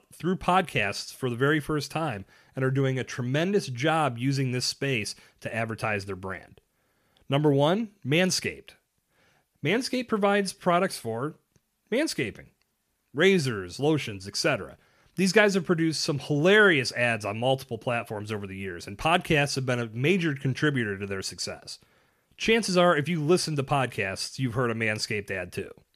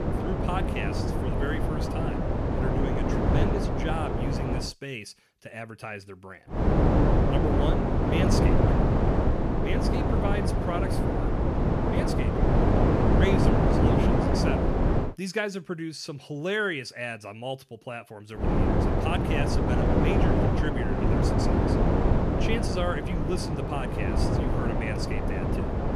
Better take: first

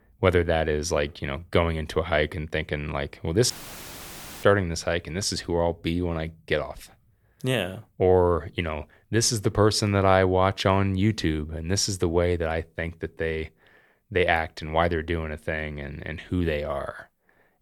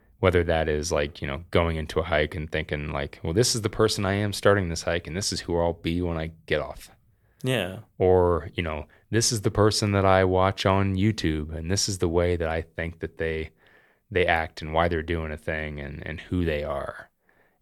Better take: second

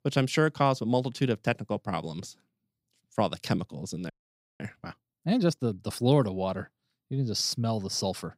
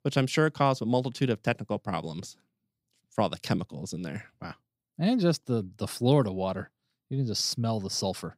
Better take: second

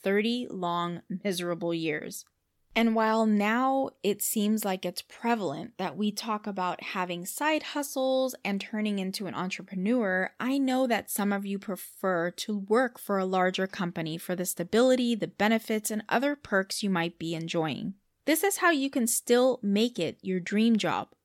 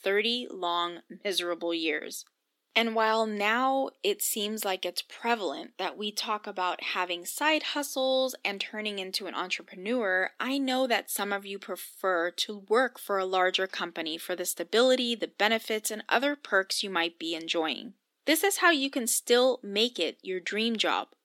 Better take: first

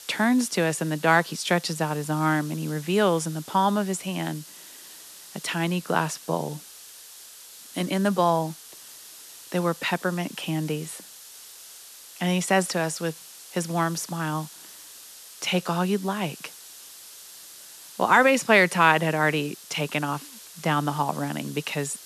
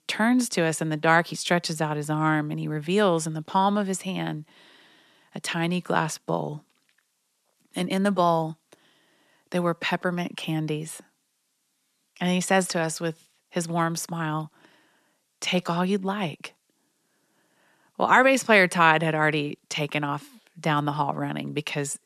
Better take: second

